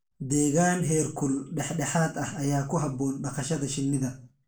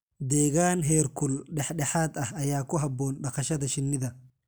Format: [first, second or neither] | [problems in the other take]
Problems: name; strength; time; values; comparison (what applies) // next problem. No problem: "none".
second | room echo; dies away in 0.3 s